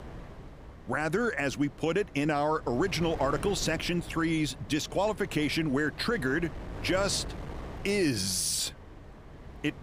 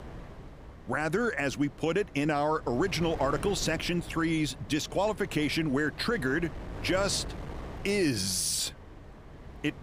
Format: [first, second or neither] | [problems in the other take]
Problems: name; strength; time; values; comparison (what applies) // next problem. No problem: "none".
neither | wind noise on the microphone; occasional gusts; 15 dB below the speech; the same in both